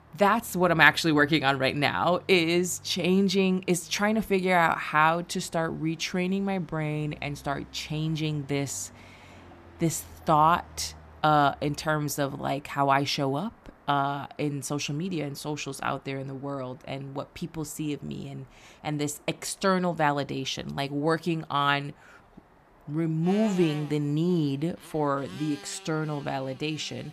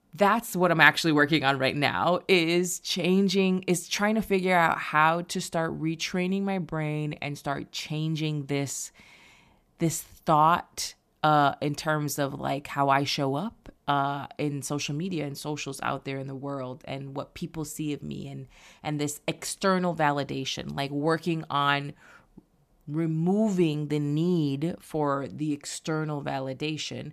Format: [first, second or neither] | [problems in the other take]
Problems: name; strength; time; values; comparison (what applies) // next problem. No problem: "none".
second | traffic noise; faint; throughout; 25 dB below the speech